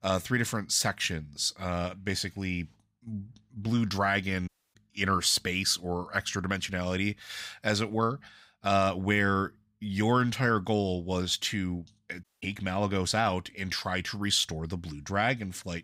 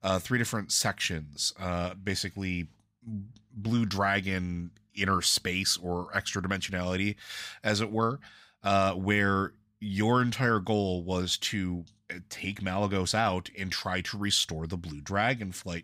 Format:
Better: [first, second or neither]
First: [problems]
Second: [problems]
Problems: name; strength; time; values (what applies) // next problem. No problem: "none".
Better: second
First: audio cutting out; at 4.5 s and at 12 s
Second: none